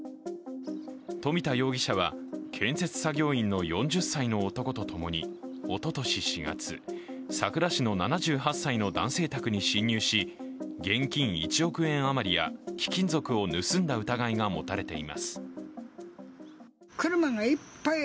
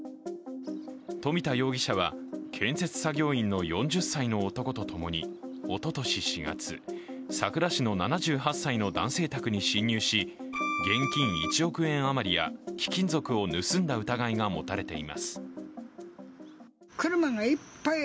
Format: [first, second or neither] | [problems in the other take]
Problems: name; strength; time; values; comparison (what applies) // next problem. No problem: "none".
first | background sound (Bowed string instrument); 2 dB below the speech